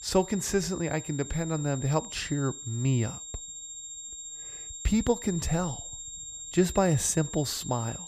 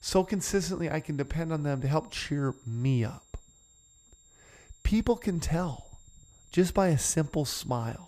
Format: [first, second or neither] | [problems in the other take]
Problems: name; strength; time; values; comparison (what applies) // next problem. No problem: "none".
second | high-pitched whine; loud; throughout; 7.5 kHz, 10 dB below the speech; faint in the second